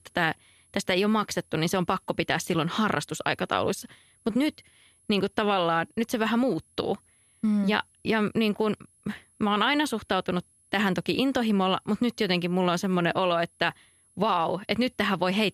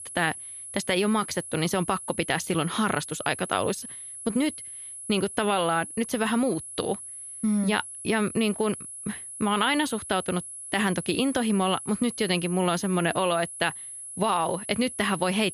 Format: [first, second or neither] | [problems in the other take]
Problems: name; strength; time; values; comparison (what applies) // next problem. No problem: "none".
first | high-pitched whine; loud; throughout; 10.5 kHz, 10 dB below the speech; faint in the first